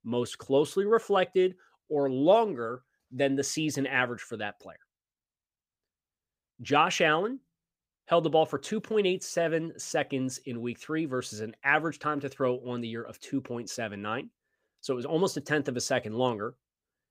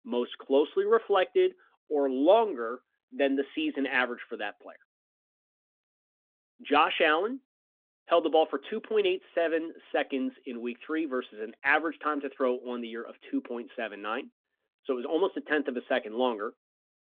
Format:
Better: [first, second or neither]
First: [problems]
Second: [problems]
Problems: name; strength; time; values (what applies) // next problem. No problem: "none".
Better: first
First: none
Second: phone-call audio; nothing above 3.5 kHz